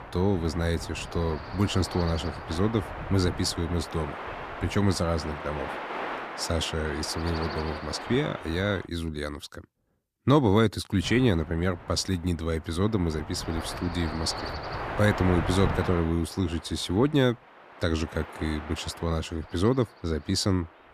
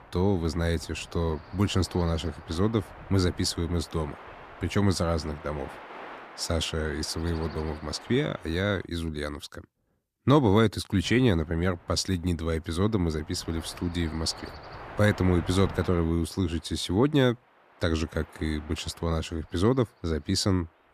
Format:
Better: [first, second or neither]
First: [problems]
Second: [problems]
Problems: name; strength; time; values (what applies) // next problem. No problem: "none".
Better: second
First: wind noise on the microphone; heavy; until 9 s and from 11 s on; 5 dB below the speech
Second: wind noise on the microphone; occasional gusts; until 9 s and from 11 s on; 15 dB below the speech